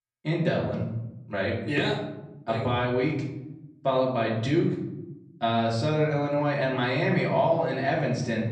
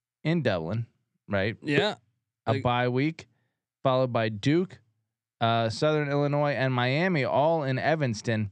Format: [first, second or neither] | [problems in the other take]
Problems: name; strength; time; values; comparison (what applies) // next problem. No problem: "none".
second | off-mic speech; far // room echo; noticeable; dies away in 0.9 s